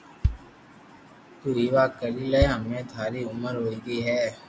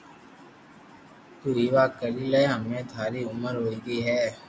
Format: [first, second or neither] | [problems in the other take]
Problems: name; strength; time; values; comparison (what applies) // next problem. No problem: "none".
second | background sound (Bass drum); 7 dB below the speech